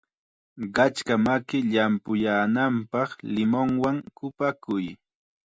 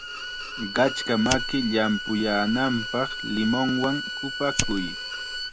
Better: first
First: none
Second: background sound (Fire + Bowed string instrument); 5 dB below the speech

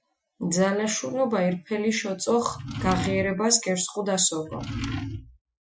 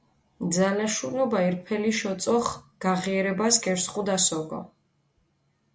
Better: second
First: noise reduction (classical method Wiener filter)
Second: none

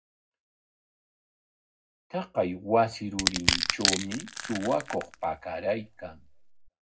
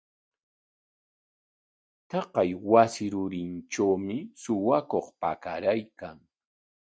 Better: second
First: background sound (Crushing); 1 dB above the speech // room echo; dies away in 0.3 s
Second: none

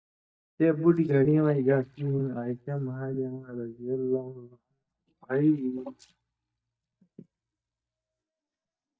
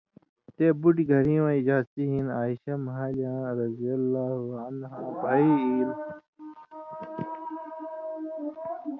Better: second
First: noise reduction (neural mask model DeepFilterNet 3)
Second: none

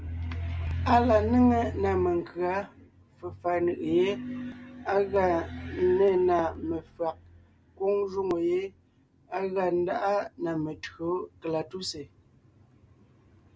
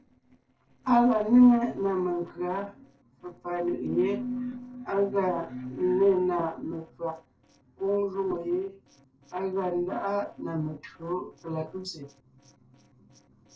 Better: first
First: none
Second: noise reduction (neural separator model SepFormer DNS4)

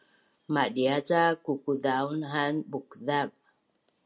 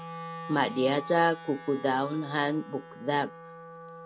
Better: first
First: none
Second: background sound (Wind instrument, woodwind instrument); 13 dB below the speech

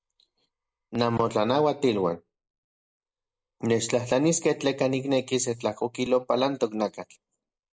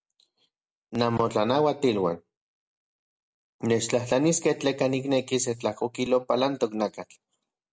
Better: second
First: noise reduction (neural mask model Resemble Enhance denoiser)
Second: none

